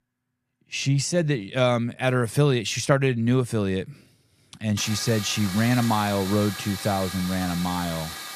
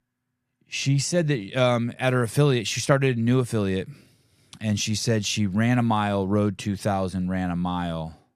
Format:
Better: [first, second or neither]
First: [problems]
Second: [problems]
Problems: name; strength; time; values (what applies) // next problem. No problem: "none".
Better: second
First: hiss; loud; from 5 s on; 9 dB below the speech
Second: none